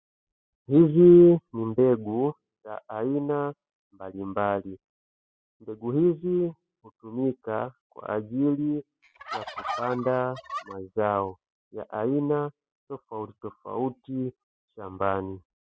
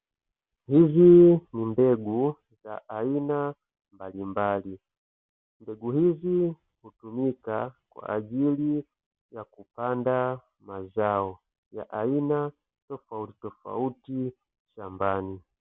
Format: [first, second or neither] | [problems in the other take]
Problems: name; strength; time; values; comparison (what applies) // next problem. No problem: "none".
second | noise reduction (classical method spectral subtraction)